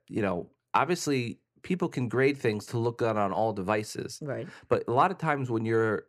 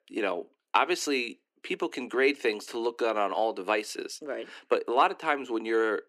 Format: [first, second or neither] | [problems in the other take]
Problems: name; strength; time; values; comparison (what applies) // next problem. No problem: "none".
first | thin; somewhat; fading below 300 Hz